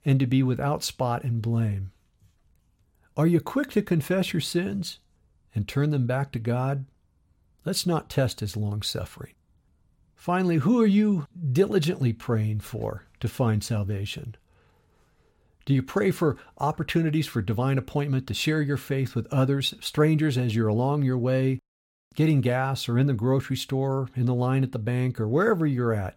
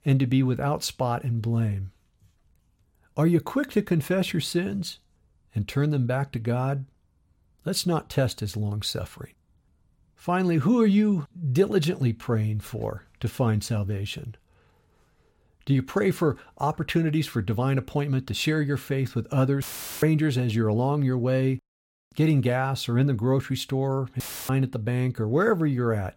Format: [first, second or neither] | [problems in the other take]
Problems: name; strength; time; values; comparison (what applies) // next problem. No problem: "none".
first | audio cutting out; filled with static; at 20 s and at 24 s